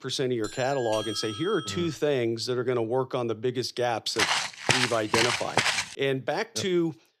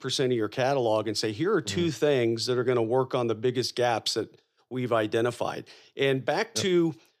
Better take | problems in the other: second | doorbell; noticeable; until 2 s; peak 7 dB below the speech // footsteps; loud; from 4 to 6 s; peak 4 dB above the speech

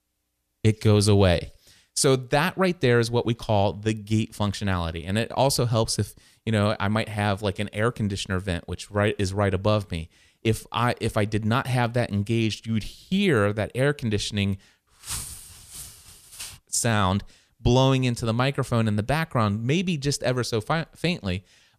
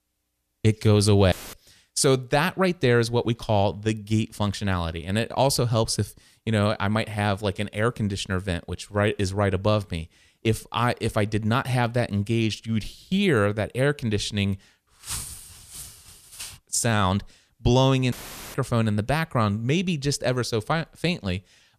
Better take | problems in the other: first | audio cutting out; filled with static; at 1.5 s and at 18 s

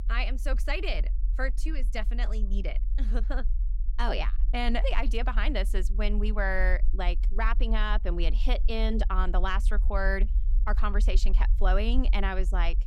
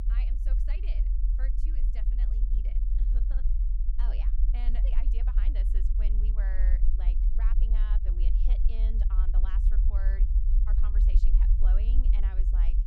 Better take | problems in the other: first | low rumble; loud; throughout; 2 dB below the speech; faint in the first

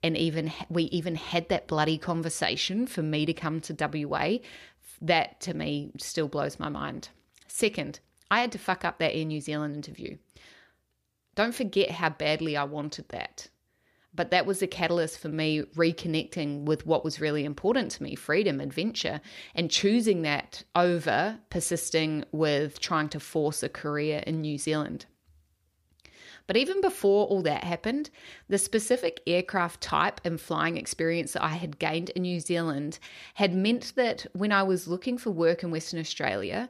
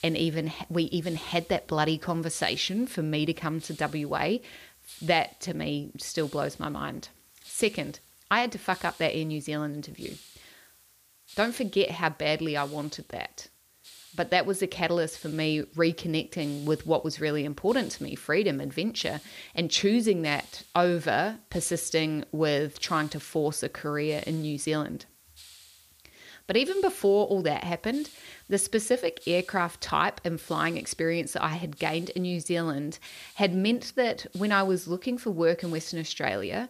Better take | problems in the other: first | hiss; faint; throughout; 25 dB below the speech

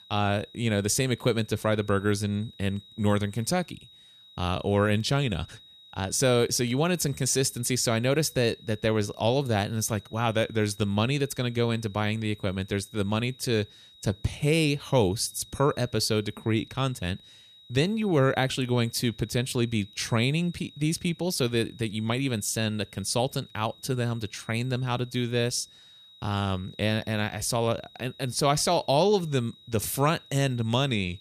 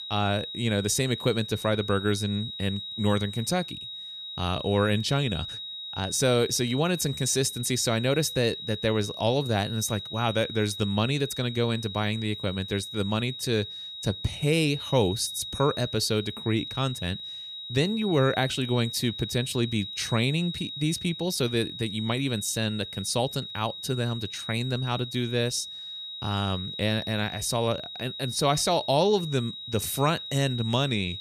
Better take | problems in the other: first | high-pitched whine; loud; throughout; 4 kHz, 8 dB below the speech; faint in the first

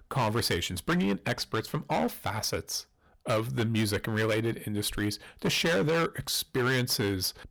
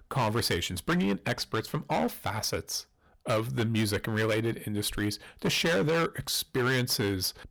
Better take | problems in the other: neither | distortion; heavy; 11% of the sound clipped; the same in both

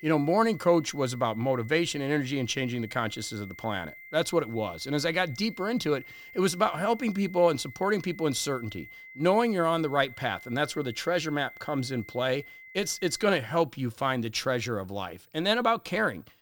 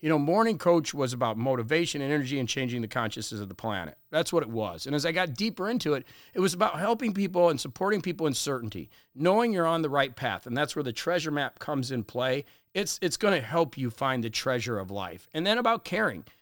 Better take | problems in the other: second | high-pitched whine; noticeable; until 13 s; 2 kHz, 15 dB below the speech

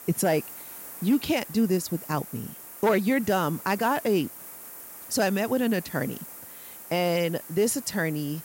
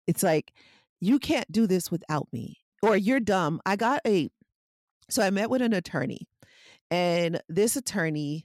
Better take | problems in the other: second | hiss; noticeable; throughout; 15 dB below the speech

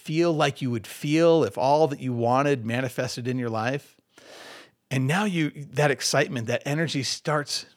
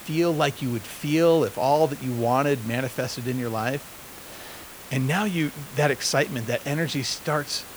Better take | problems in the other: first | hiss; noticeable; throughout; 15 dB below the speech

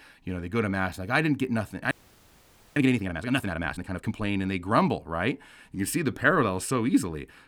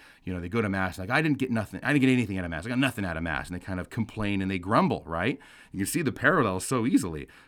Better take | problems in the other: second | audio freezing; at 2 s for 1 s

